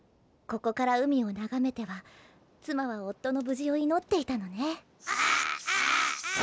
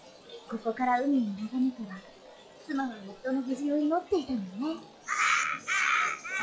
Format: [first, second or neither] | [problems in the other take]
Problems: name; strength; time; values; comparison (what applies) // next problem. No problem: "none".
first | noise reduction (classical method log-MMSE)